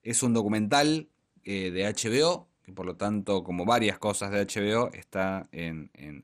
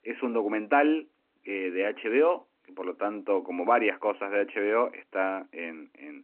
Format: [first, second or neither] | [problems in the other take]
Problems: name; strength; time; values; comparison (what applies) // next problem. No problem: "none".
first | phone-call audio